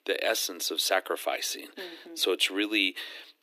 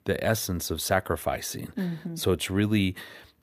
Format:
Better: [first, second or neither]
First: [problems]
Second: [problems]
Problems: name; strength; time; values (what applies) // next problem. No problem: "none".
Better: second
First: thin; somewhat; fading below 300 Hz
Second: none